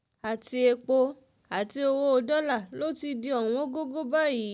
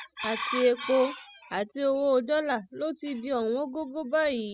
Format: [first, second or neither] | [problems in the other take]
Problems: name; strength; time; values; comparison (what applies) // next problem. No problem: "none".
first | noise reduction (classical method spectral subtraction)